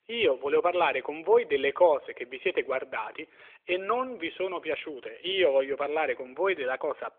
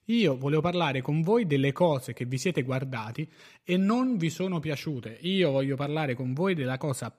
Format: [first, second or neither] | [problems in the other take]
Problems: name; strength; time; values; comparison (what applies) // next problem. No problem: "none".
second | phone-call audio; nothing above 3.5 kHz